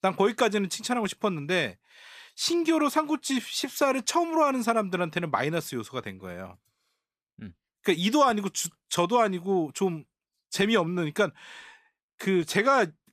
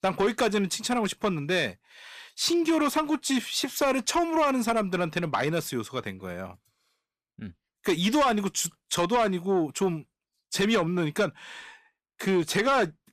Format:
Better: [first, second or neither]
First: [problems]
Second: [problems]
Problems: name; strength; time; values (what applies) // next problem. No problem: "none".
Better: first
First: none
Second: distortion; slight; 10 dB below the speech